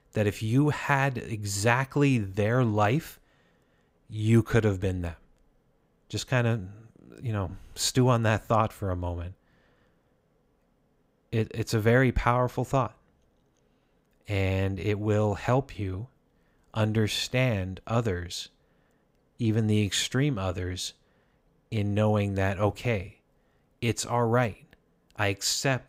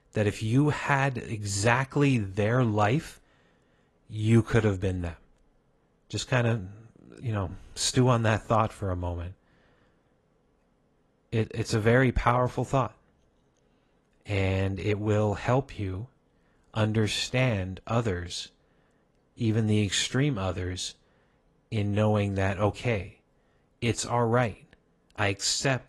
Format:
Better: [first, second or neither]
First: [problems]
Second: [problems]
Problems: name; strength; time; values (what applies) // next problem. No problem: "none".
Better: first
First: none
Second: garbled, watery; slightly